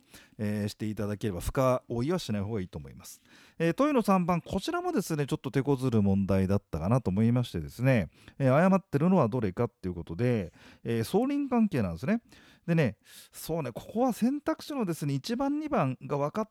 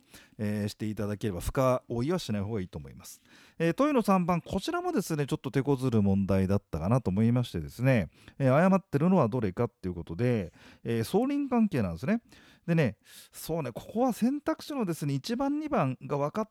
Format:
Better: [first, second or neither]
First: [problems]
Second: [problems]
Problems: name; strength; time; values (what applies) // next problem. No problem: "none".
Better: neither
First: none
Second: none